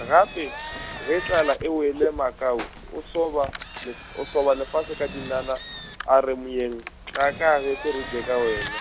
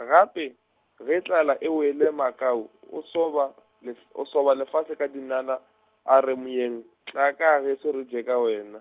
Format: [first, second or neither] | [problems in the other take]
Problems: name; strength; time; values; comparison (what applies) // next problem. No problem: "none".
second | background sound (Engine); 12 dB below the speech